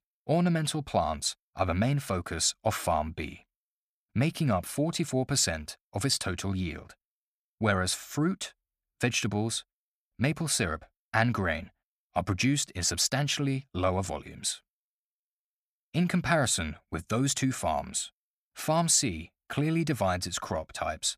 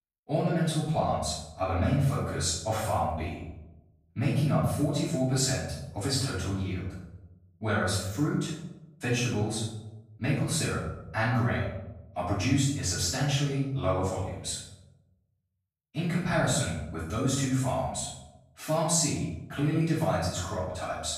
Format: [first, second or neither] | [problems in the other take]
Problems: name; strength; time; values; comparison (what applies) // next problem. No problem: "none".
first | room echo; noticeable; dies away in 0.9 s // off-mic speech; far